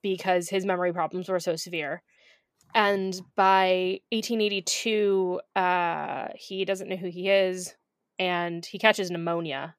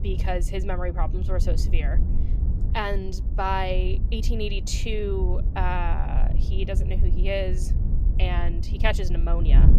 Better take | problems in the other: first | wind noise on the microphone; occasional gusts; 10 dB below the speech

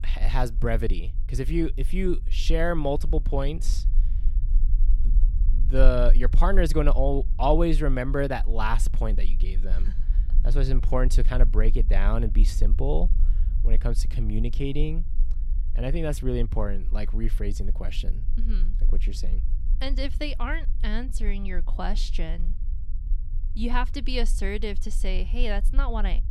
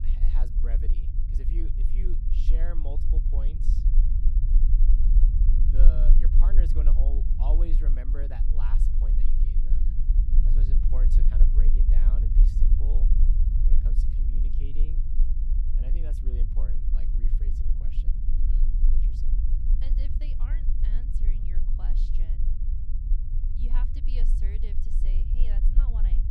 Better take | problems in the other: first | low rumble; loud; throughout; 1 dB below the speech; faint in the first

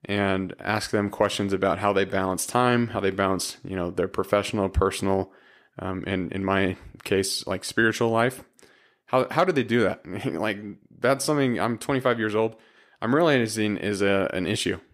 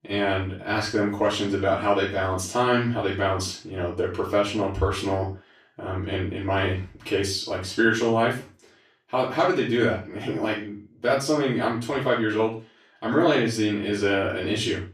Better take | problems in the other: first | room echo; noticeable; dies away in 0.3 s // off-mic speech; far

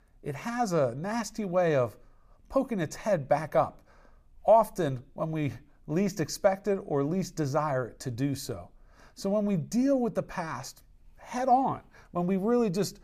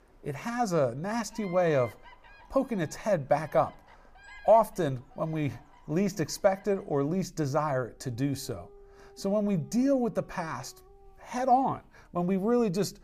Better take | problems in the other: first | animal sounds; faint; throughout; 25 dB below the speech

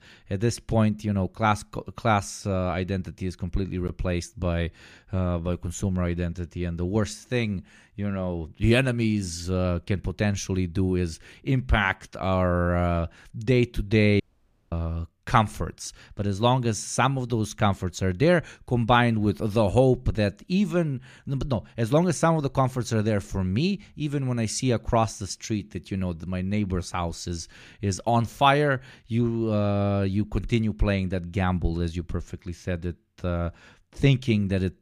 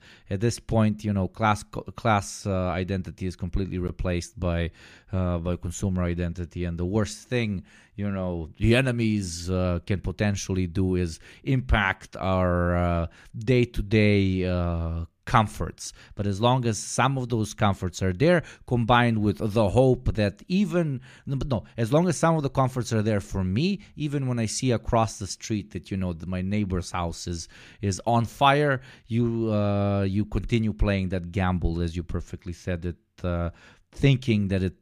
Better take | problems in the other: second | audio cutting out; at 14 s for 0.5 s

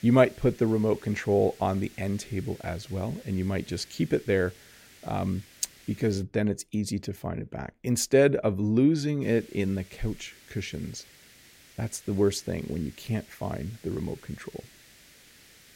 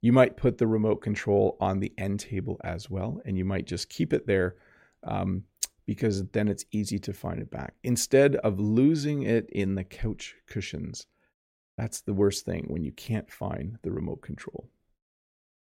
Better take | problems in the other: second | hiss; faint; until 6 s and from 9 s on; 25 dB below the speech

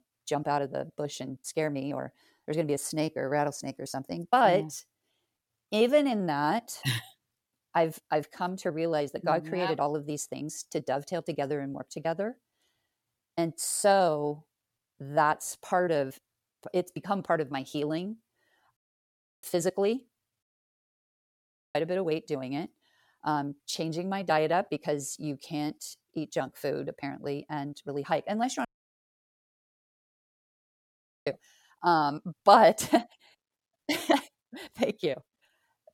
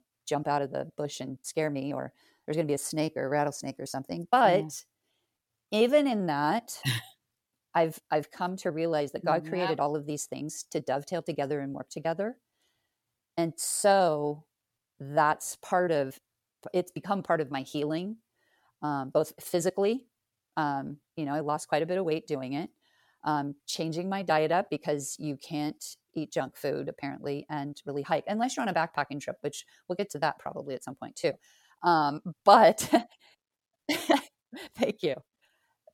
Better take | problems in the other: second | audio cutting out; at 19 s for 0.5 s, at 20 s for 1.5 s and at 29 s for 2.5 s

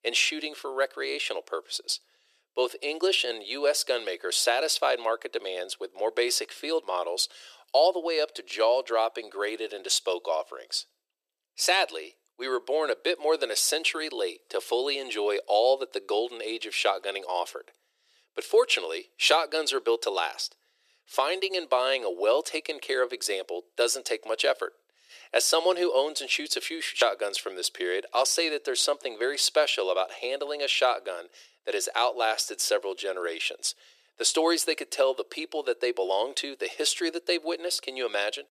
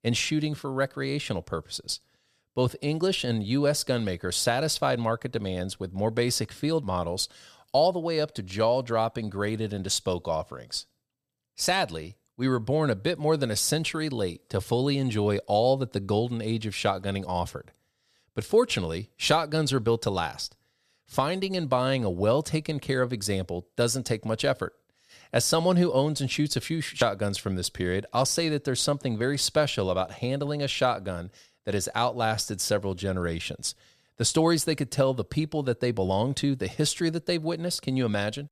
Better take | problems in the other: second | thin; very; fading below 350 Hz

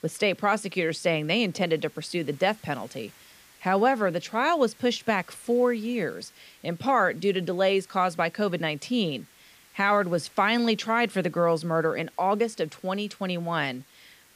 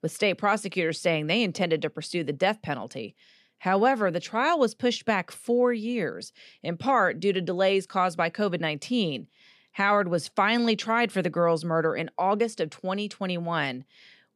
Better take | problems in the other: second | hiss; faint; throughout; 25 dB below the speech

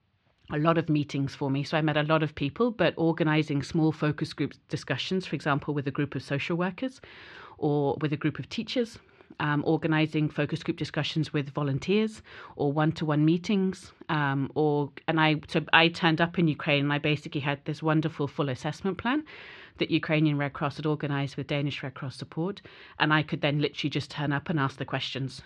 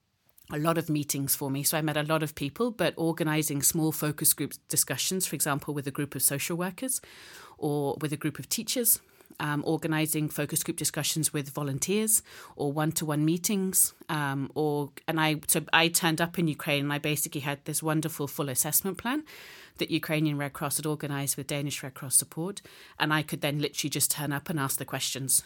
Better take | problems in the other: second | muffled; slightly; fading above 3.5 kHz

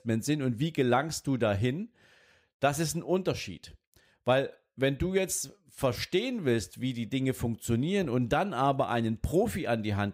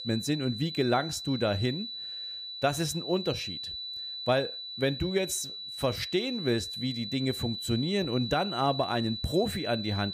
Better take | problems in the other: first | high-pitched whine; loud; throughout; 4 kHz, 6 dB below the speech

